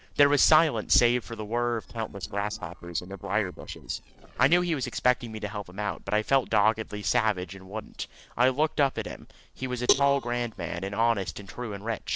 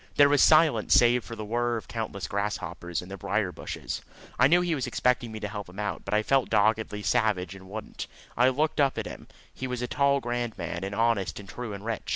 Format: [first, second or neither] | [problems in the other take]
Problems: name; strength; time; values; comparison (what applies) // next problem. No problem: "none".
second | noise reduction (neural separator model SepFormer DNS4)